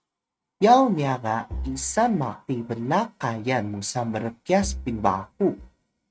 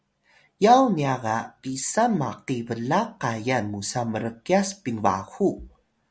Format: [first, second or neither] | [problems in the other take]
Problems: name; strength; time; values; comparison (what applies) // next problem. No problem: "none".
second | noise reduction (neural mask model RNNoise)